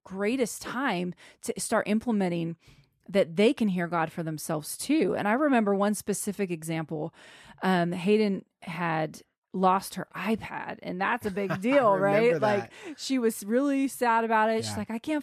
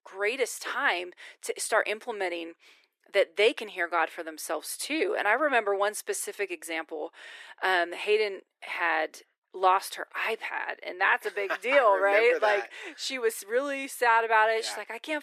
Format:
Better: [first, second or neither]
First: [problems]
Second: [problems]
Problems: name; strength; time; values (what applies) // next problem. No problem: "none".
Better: first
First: none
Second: thin; very; fading below 350 Hz